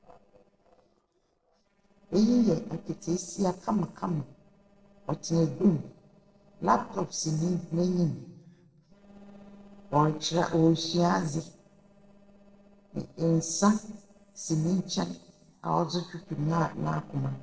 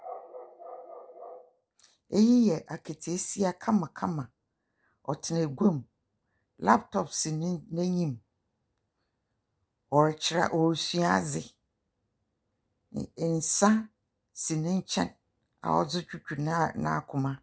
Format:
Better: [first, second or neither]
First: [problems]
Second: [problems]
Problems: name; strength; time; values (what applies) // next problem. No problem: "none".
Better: second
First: noise reduction (neural separator model SepFormer DNS4)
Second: none